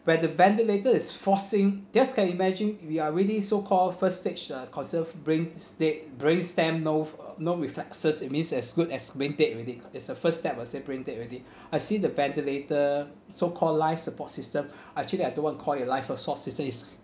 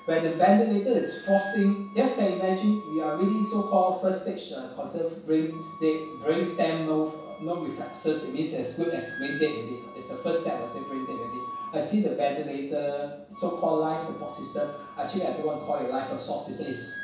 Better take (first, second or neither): first